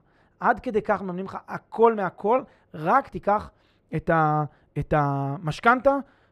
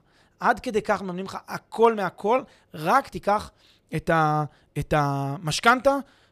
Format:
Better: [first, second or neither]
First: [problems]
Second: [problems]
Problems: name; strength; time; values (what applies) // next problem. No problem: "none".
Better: second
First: muffled; slightly; fading above 3 kHz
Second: none